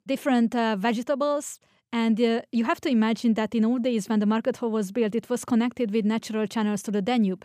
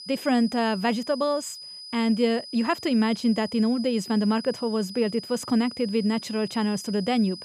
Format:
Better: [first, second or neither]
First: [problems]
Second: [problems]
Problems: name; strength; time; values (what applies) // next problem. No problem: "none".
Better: first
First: none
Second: high-pitched whine; noticeable; throughout; 5 kHz, 15 dB below the speech